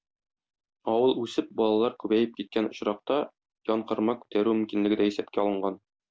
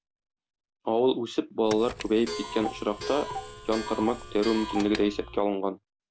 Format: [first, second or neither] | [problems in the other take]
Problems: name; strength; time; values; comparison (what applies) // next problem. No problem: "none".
first | background sound (Clock); 9 dB below the speech